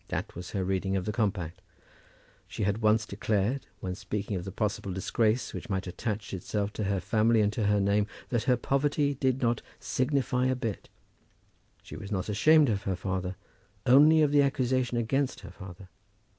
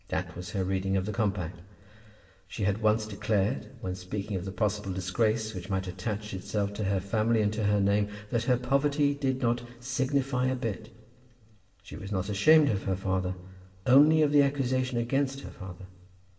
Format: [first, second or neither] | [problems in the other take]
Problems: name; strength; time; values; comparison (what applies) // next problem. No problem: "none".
first | room echo; dies away in 1.5 s